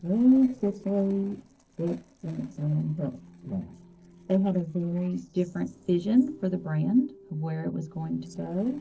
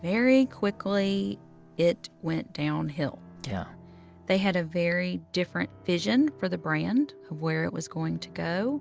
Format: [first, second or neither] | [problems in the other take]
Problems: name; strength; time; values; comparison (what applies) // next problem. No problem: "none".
second | noise reduction (neural separator model SepFormer DNS4)